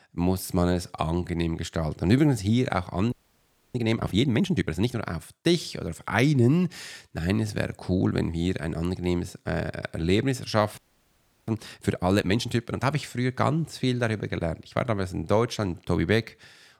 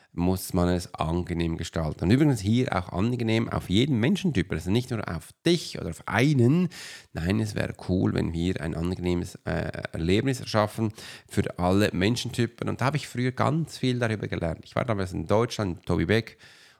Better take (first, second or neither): second